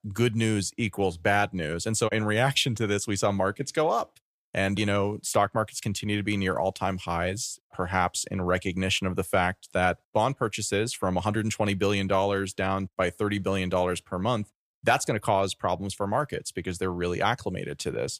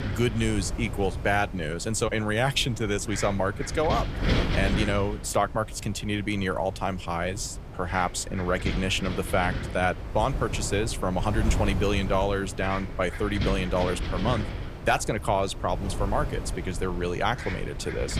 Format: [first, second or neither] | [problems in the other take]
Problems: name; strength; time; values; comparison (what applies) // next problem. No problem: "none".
first | wind noise on the microphone; heavy; 10 dB below the speech